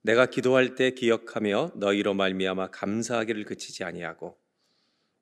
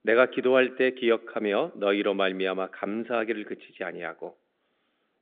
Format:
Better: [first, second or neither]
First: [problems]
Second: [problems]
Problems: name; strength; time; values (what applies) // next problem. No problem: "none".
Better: first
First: none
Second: phone-call audio